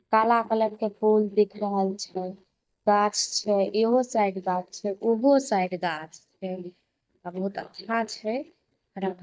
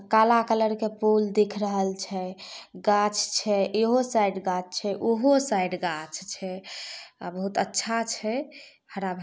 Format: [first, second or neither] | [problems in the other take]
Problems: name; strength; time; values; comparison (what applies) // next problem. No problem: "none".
second | noise reduction (neural mask model DeepFilterNet 3)